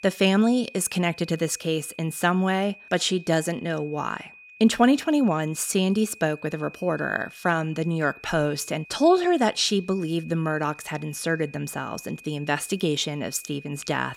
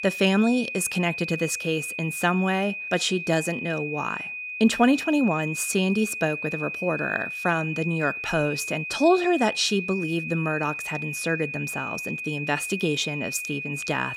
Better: first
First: high-pitched whine; faint; throughout; 2.5 kHz, 20 dB below the speech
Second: high-pitched whine; loud; throughout; 2.5 kHz, 6 dB below the speech

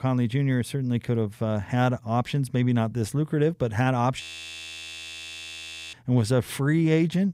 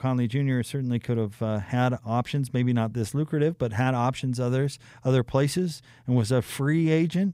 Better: second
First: audio freezing; at 4 s for 1.5 s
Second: none

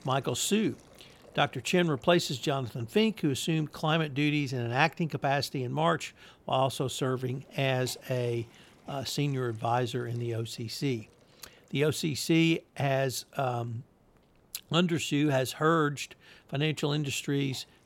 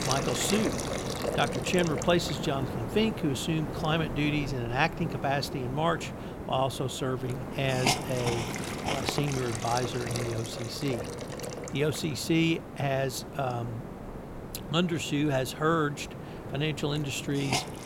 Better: first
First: hiss; faint; throughout; 30 dB below the speech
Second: hiss; loud; throughout; 5 dB below the speech

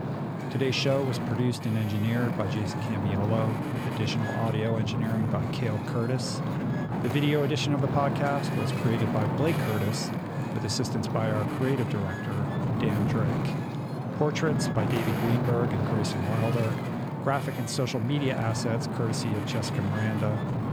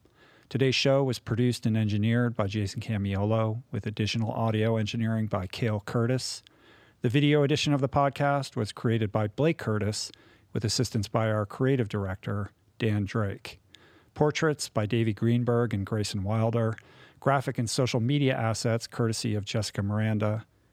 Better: second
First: wind noise on the microphone; heavy; 2 dB below the speech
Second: none

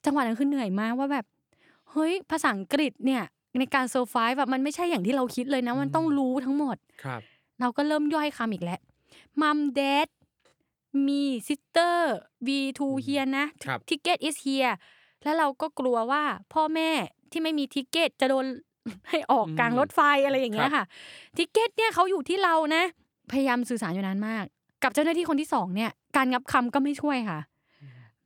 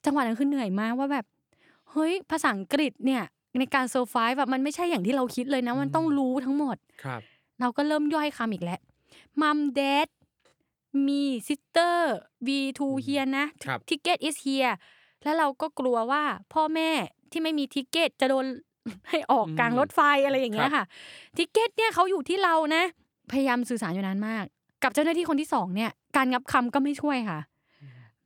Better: neither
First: none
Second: none

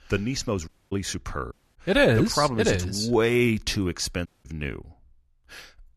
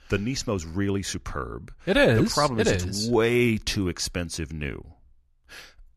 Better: second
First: audio cutting out; at 0.5 s, at 1.5 s and at 4.5 s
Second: none

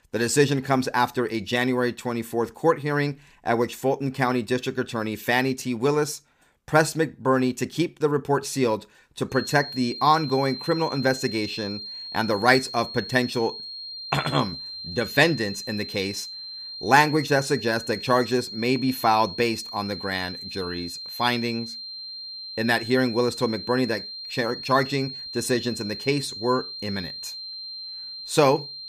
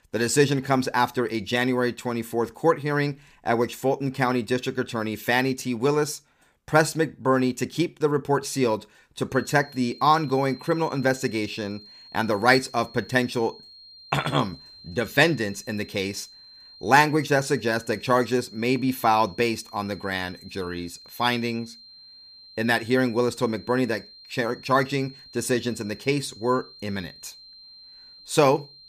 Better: second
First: high-pitched whine; loud; from 9.5 s on; 4 kHz, 9 dB below the speech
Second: high-pitched whine; faint; from 9.5 s on; 4 kHz, 20 dB below the speech

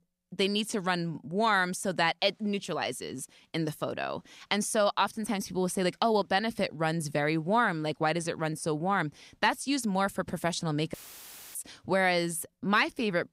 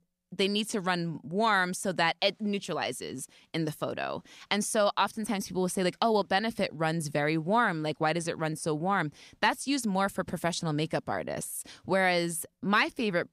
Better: second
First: audio cutting out; filled with static; at 11 s for 0.5 s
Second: none

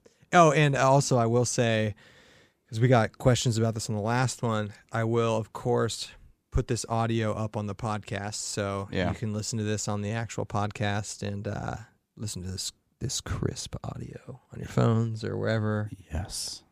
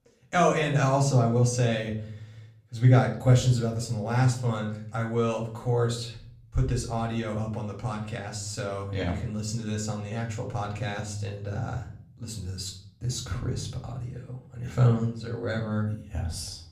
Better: first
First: none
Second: room echo; slight; dies away in 0.6 s // off-mic speech; far

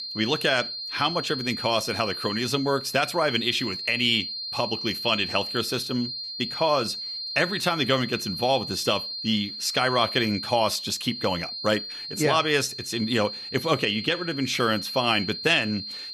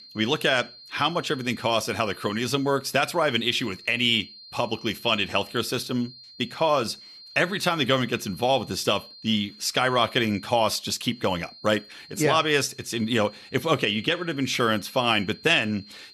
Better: second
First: high-pitched whine; loud; throughout; 4 kHz, 7 dB below the speech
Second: high-pitched whine; faint; throughout; 4 kHz, 20 dB below the speech

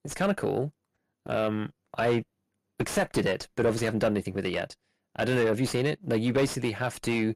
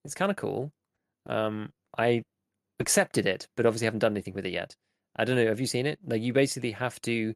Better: second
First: distortion; heavy; 7 dB below the speech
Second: none

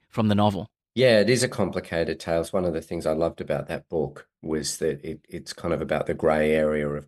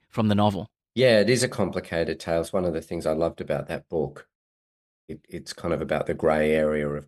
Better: first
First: none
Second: audio cutting out; at 4.5 s for 0.5 s

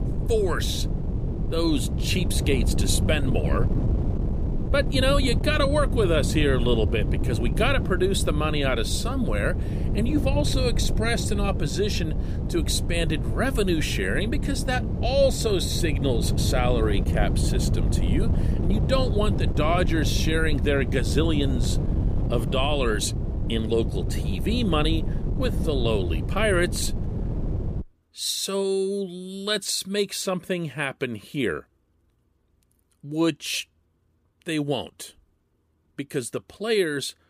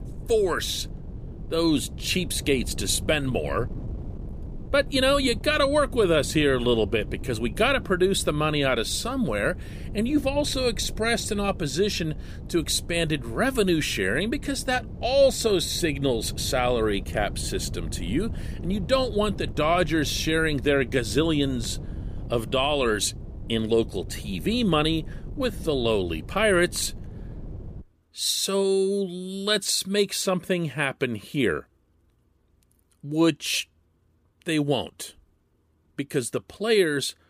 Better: second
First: wind noise on the microphone; heavy; until 28 s; 10 dB below the speech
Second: wind noise on the microphone; occasional gusts; until 28 s; 20 dB below the speech

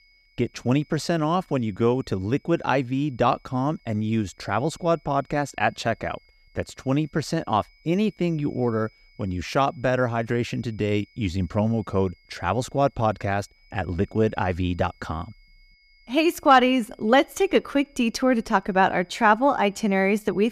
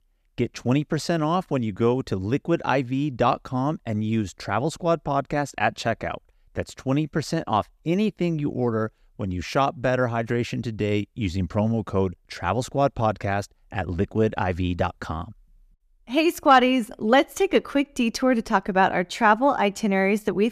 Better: second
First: high-pitched whine; faint; throughout; 2 kHz, 35 dB below the speech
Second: none

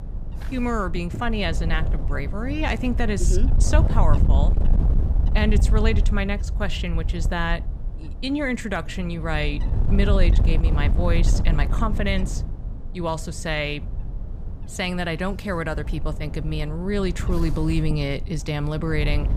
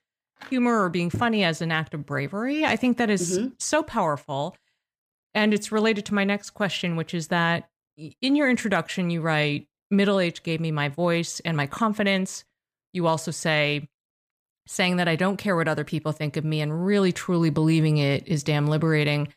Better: second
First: wind noise on the microphone; occasional gusts; 10 dB below the speech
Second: none

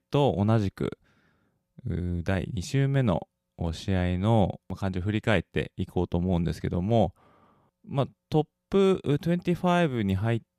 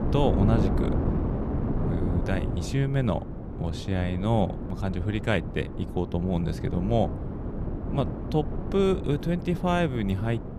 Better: first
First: none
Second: wind noise on the microphone; heavy; 7 dB below the speech

